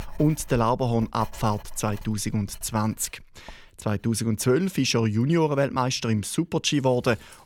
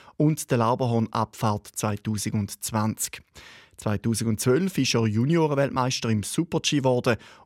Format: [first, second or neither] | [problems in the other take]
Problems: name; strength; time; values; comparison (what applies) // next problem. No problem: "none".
second | household noises; faint; throughout; 20 dB below the speech